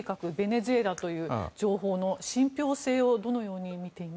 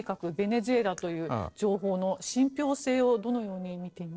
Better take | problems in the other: first | noise reduction (neural separator model SepFormer DNS4)

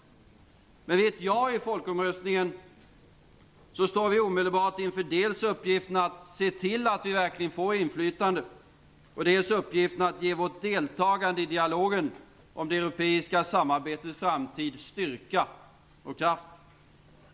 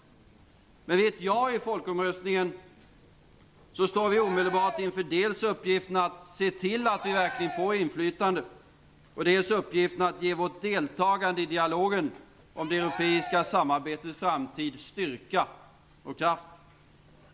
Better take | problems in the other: first | background sound (Cheering); 12 dB below the speech

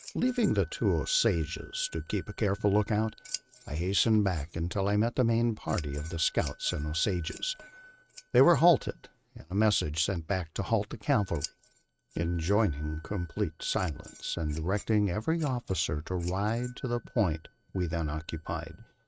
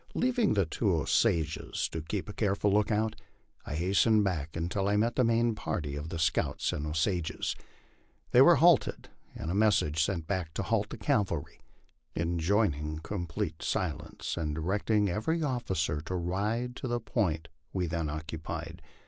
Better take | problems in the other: second | noise reduction (neural mask model RNNoise)

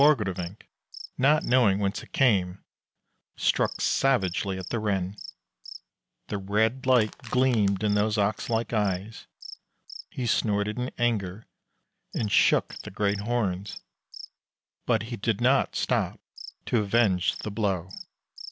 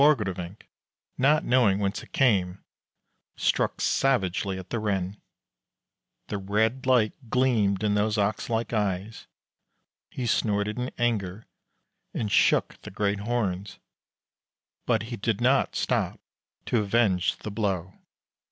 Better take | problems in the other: second | background sound (Crushing + Cricket); 19 dB below the speech

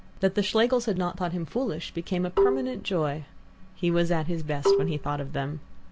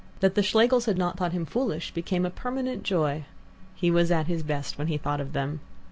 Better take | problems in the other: second | background sound (Marimba, xylophone); 1 dB above the speech

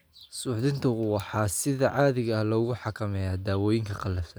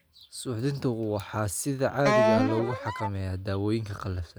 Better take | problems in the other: first | background sound (Wind instrument, woodwind instrument); 3 dB above the speech

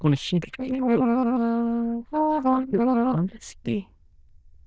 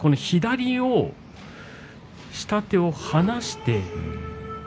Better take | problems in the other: second | noise reduction (neural diffusion model UNIVERSE++)

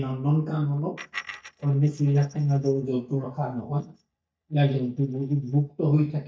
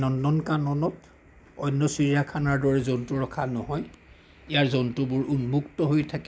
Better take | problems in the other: second | noise reduction (neural mask model DeepFilterNet 3)

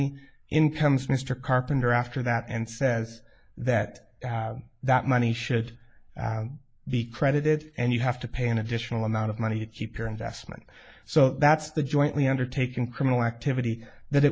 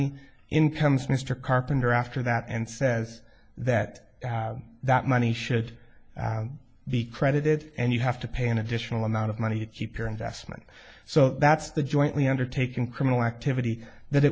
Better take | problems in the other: second | noise reduction (neural mask model Resemble Enhance denoiser)

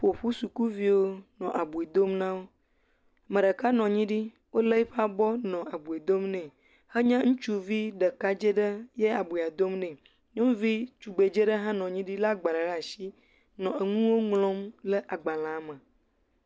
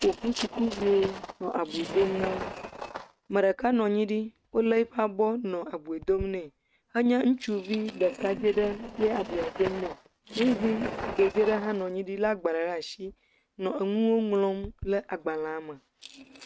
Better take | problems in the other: first | noise reduction (neural mask model RNNoise)

